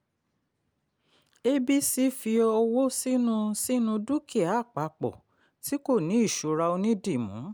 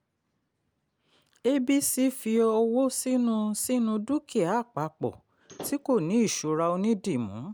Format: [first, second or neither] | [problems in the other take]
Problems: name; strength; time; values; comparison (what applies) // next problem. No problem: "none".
first | background sound (Slam / Wood); 16 dB below the speech